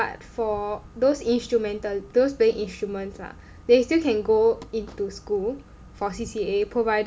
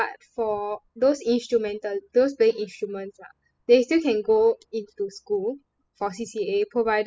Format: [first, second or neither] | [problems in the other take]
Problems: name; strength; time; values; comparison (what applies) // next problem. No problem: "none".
first | noise reduction (classical method spectral subtraction)